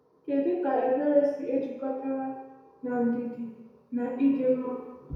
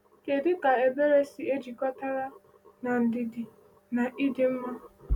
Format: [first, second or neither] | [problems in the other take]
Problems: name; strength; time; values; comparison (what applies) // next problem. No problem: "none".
second | room echo; dies away in 1 s